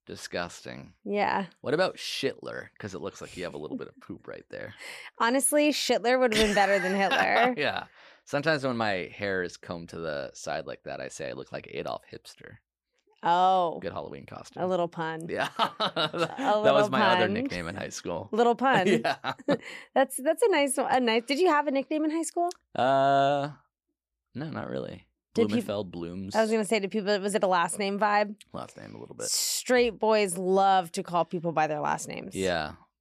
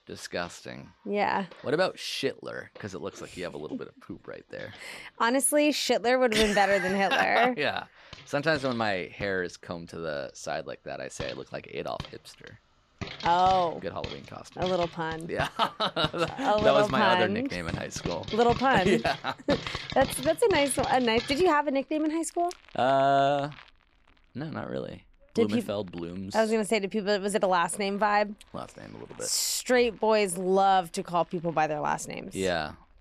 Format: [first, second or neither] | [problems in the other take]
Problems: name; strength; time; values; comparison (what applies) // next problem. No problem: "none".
first | household noises; noticeable; throughout; 15 dB below the speech